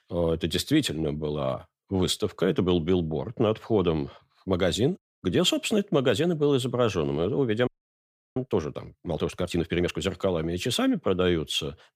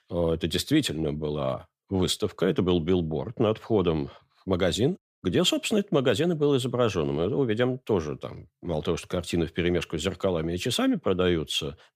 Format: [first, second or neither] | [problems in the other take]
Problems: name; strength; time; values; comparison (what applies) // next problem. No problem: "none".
second | audio freezing; at 7.5 s for 0.5 s